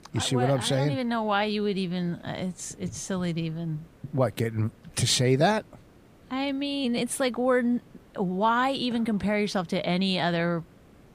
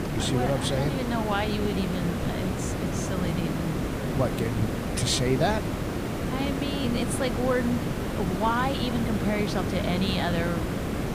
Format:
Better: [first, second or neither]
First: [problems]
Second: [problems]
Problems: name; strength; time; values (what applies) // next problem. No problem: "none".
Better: first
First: hiss; faint; throughout; 30 dB below the speech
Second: hiss; loud; throughout; 1 dB below the speech